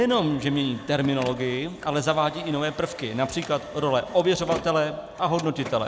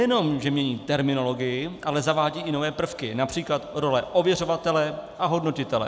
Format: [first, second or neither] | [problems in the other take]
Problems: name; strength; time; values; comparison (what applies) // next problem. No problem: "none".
second | background sound (Printer); 17 dB below the speech